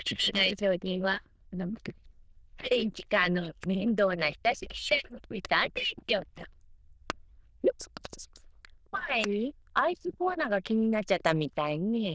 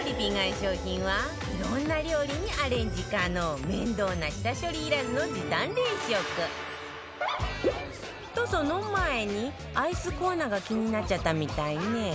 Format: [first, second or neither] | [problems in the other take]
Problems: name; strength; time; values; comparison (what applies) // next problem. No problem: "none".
second | noise reduction (neural diffusion model UNIVERSE++)